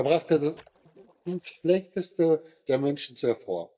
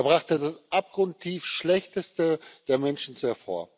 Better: second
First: noise reduction (neural mask model DeepFilterNet 3)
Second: none

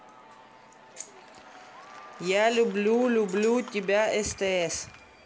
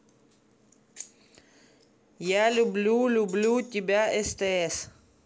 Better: second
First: background sound (Applause / Crowd / Cheering); 20 dB below the speech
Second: none

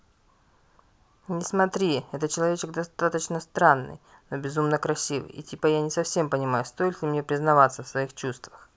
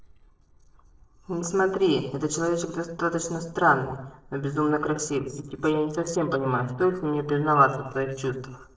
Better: first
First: none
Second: noise reduction (neural separator model SepFormer DNS4)

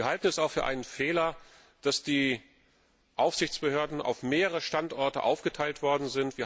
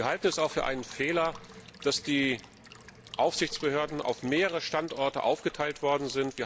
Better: first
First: none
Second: background sound (Water tap, faucet / Water / Liquid); 19 dB below the speech

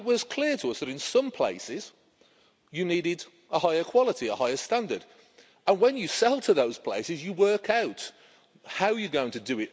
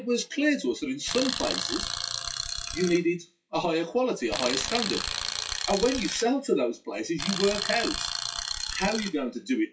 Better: first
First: none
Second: noise reduction (classical method WPE with log-MMSE)

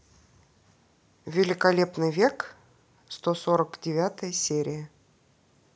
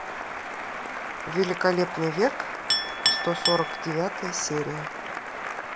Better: first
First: none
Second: background sound (Chink, clink + Applause); 1 dB below the speech

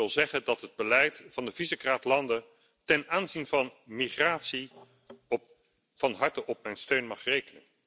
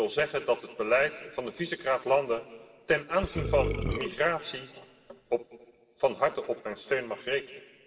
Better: first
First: none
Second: background sound (Burping, eructation); 2 dB below the speech // room echo; dies away in 2.4 s

